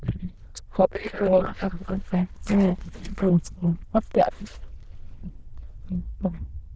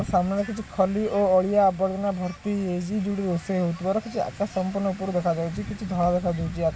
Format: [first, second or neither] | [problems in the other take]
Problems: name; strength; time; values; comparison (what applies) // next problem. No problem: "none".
second | noise reduction (neural diffusion model UNIVERSE++)